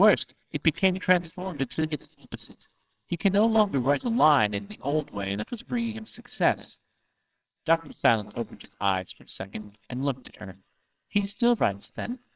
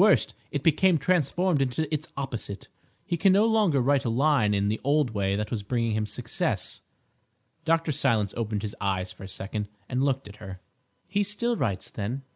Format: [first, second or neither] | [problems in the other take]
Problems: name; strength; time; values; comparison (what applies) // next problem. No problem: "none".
second | noise reduction (neural separator model SepFormer WHAMR!)